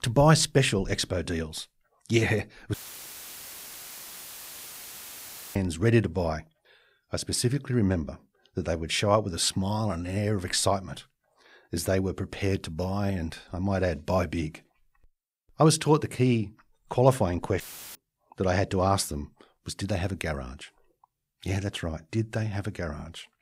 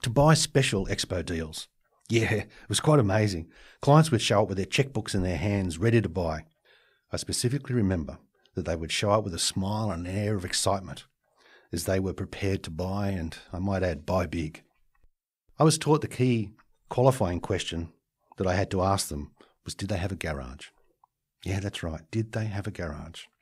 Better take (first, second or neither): second